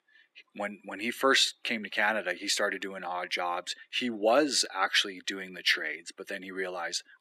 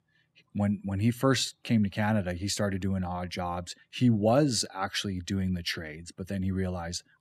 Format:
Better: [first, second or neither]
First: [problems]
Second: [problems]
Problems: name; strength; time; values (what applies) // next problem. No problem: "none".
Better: second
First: thin; very; fading below 350 Hz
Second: none